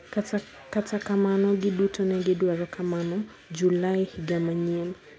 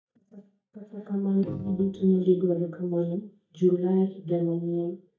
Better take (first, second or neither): first